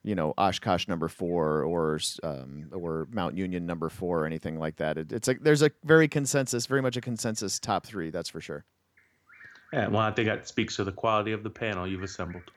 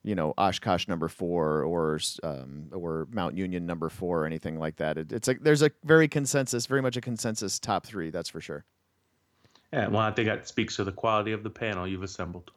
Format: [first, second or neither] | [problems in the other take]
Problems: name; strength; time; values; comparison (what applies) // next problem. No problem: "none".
second | animal sounds; faint; throughout; 30 dB below the speech